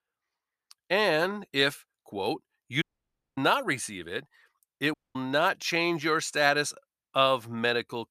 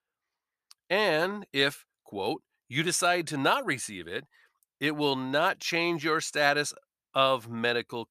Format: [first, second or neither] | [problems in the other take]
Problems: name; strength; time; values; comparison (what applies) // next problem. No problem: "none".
second | audio cutting out; at 3 s for 0.5 s and at 5 s